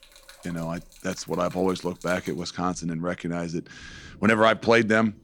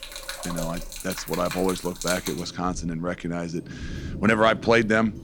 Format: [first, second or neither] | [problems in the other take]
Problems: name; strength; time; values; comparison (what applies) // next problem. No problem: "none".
first | rain or running water; loud; throughout; 10 dB below the speech; faint in the first